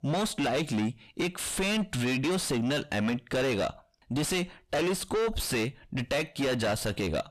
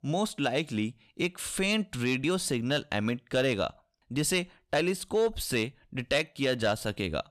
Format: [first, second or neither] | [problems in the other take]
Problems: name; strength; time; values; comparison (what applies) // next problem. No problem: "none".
second | distortion; heavy; 5 dB below the speech